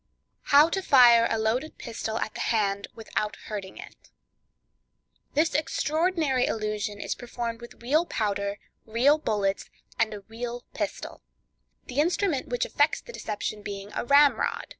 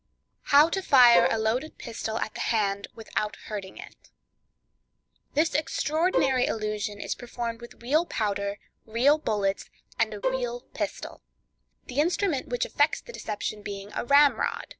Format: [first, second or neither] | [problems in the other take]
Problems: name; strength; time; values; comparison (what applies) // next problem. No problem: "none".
first | background sound (Bowed string instrument); 3 dB below the speech